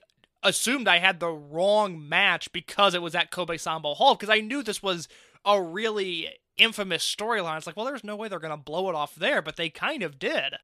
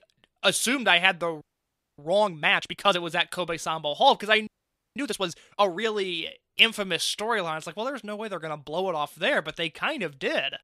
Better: first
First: none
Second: audio freezing; at 1.5 s for 0.5 s and at 4.5 s

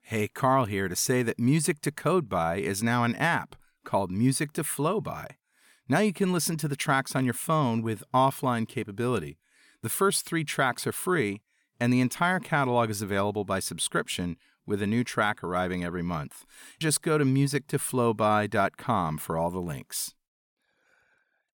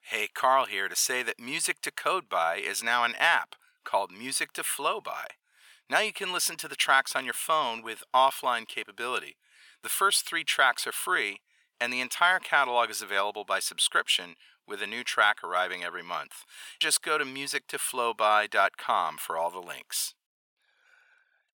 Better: first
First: none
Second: thin; very; fading below 800 Hz

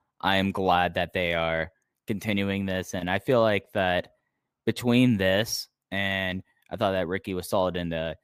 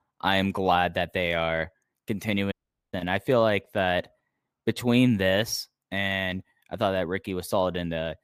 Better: first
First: none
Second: audio cutting out; at 2.5 s

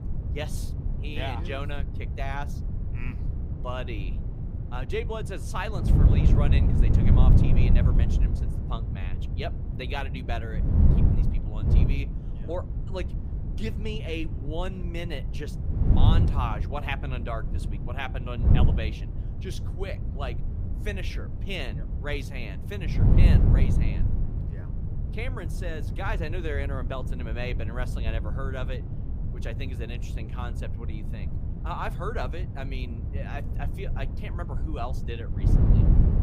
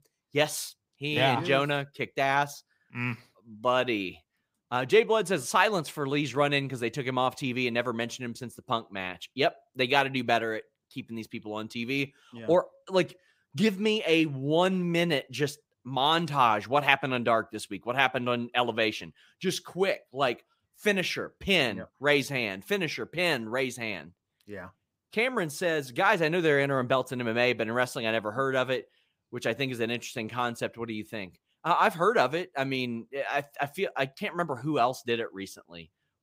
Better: second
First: wind noise on the microphone; heavy; 4 dB below the speech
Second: none

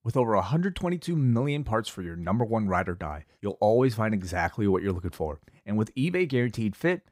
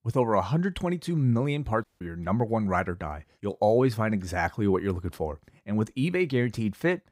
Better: first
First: none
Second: audio cutting out; at 2 s

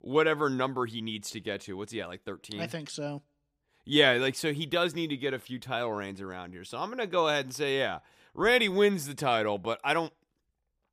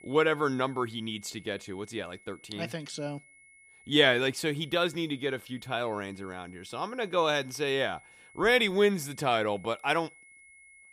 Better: first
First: none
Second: high-pitched whine; faint; throughout; 2 kHz, 25 dB below the speech

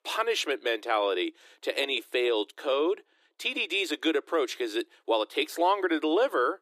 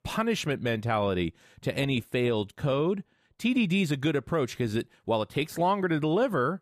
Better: second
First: thin; very; fading below 300 Hz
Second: none

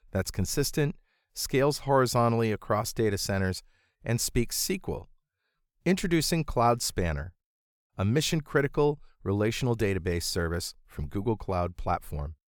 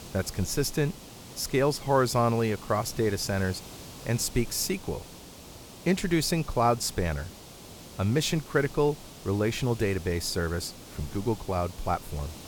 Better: first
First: none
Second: hiss; noticeable; throughout; 15 dB below the speech

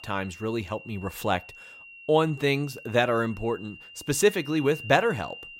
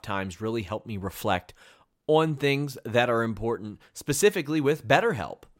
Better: second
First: high-pitched whine; noticeable; throughout; 3 kHz, 15 dB below the speech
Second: none

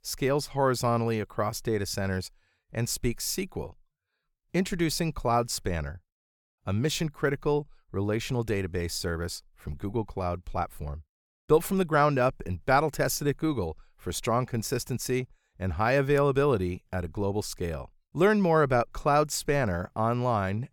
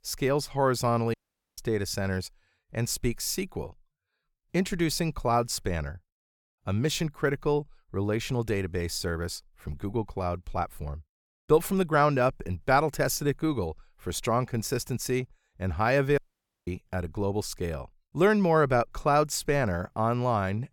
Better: first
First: none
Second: audio cutting out; at 1 s and at 16 s

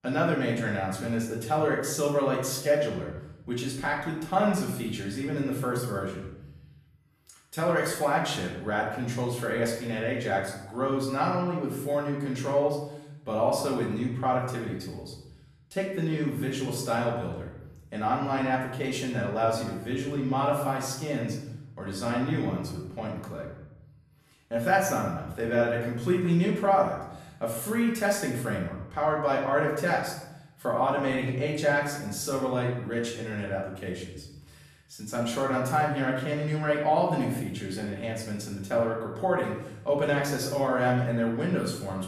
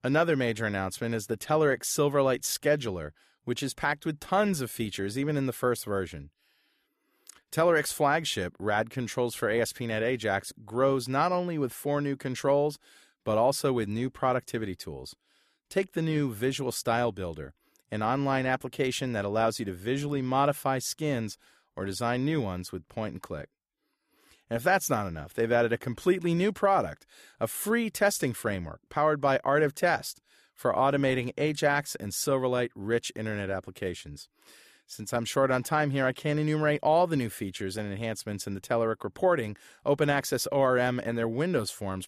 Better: second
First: off-mic speech; far // room echo; noticeable; dies away in 0.8 s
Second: none

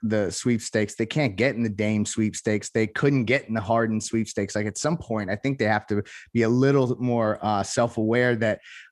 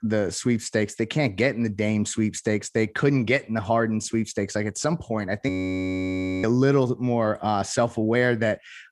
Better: first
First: none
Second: audio freezing; at 5.5 s for 1 s

